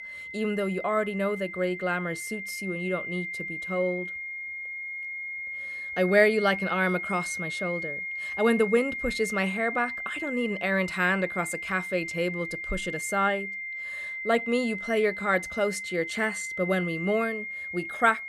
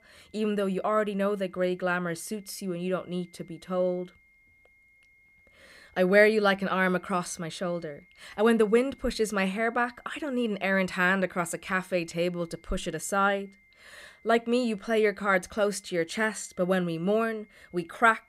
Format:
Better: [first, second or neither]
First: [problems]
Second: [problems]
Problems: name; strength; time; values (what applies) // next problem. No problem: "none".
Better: second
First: high-pitched whine; loud; throughout; 2 kHz, 5 dB below the speech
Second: high-pitched whine; faint; throughout; 2 kHz, 30 dB below the speech